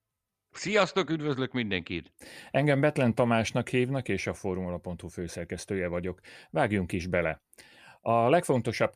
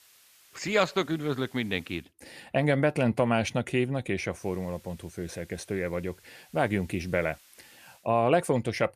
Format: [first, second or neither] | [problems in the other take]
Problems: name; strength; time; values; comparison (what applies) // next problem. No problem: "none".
first | hiss; faint; until 2 s and from 4.5 to 8 s; 25 dB below the speech